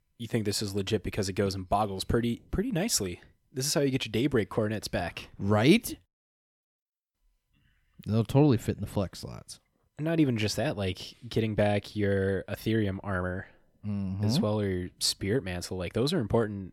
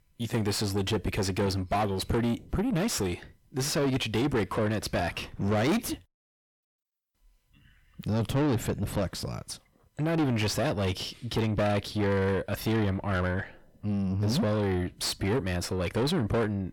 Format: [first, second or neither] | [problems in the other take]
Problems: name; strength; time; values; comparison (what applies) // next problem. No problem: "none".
first | distortion; heavy; 5 dB below the speech